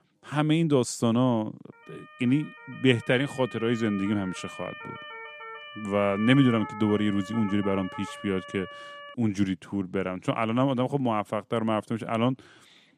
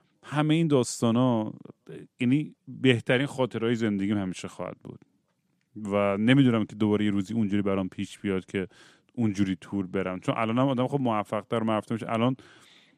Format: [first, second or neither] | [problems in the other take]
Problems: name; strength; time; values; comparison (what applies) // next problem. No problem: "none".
second | siren; noticeable; from 2 to 9 s; peak 8 dB below the speech